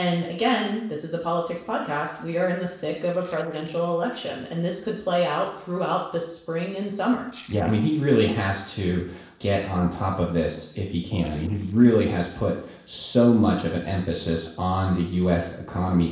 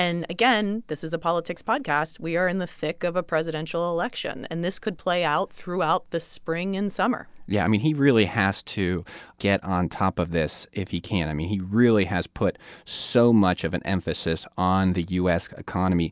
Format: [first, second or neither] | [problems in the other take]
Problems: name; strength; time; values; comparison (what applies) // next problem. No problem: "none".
second | noise reduction (neural separator model SepFormer DNS4)